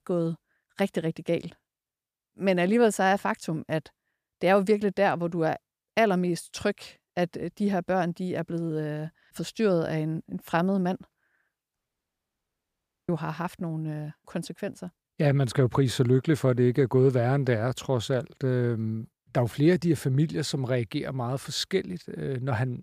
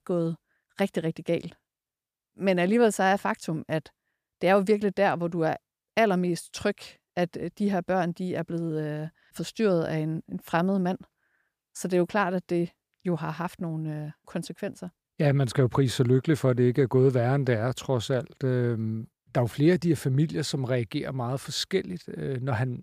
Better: second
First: audio cutting out; at 12 s for 1.5 s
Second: none

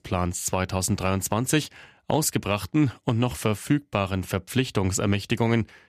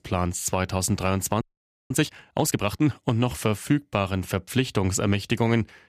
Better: first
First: none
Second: audio freezing; at 1.5 s

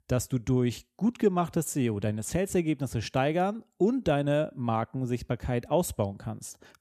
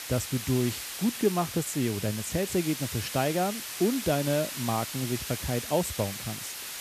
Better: first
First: none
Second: hiss; loud; throughout; 5 dB below the speech

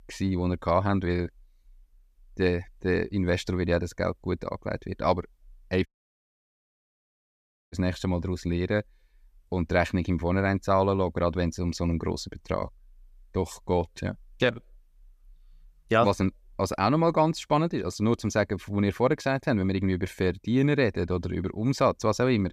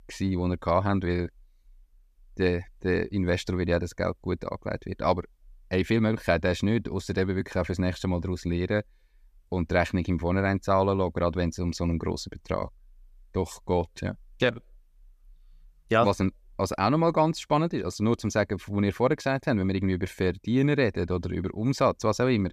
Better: second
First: audio cutting out; at 6 s for 2 s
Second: none

